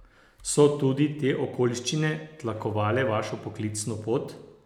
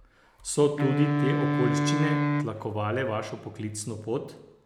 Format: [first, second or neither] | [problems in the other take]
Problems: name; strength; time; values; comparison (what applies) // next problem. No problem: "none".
first | background sound (Wind instrument, woodwind instrument); 2 dB above the speech